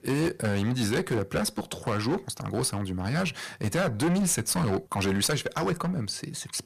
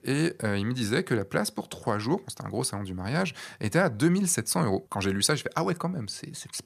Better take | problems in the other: second | distortion; heavy; 12% of the sound clipped

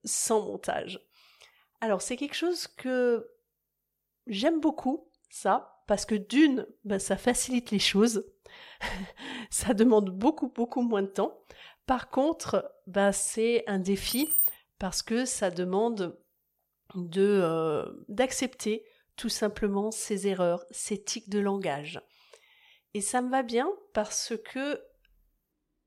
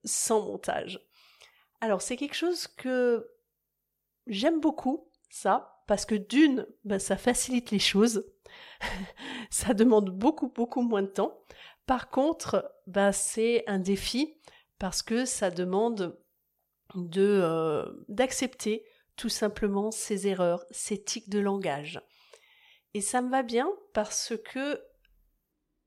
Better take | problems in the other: second | jangling keys; loud; at 14 s; peak 5 dB above the speech

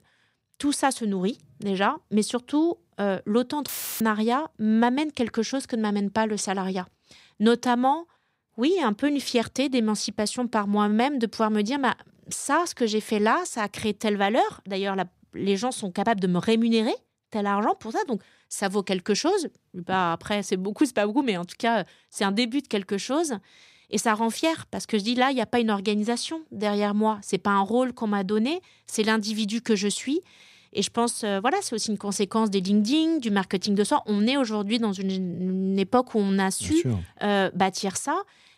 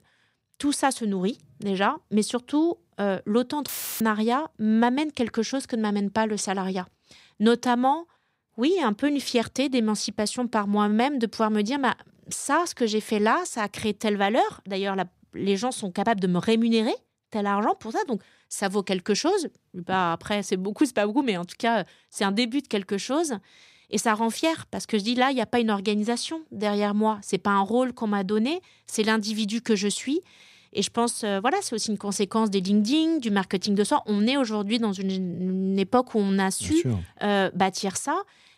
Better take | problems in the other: neither | audio cutting out; filled with static; at 3.5 s; the same in both

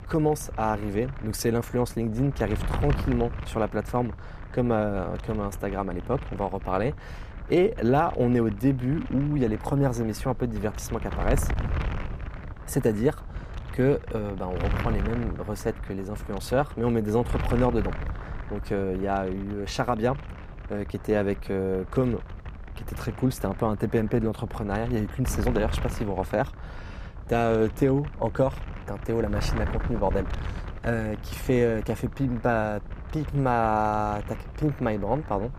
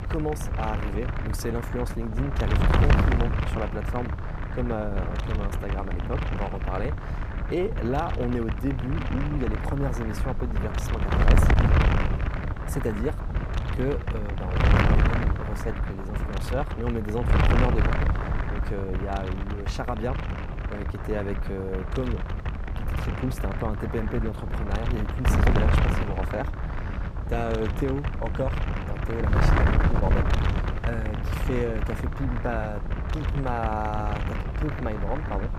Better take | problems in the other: first | wind noise on the microphone; heavy; 1 dB above the speech; occasional gusts in the first

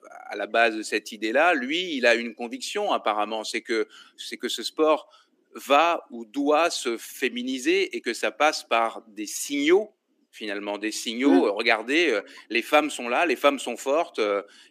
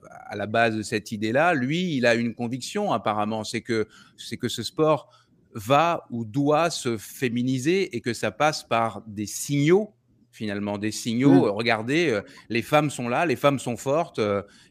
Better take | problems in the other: second | thin; very slightly; fading below 250 Hz

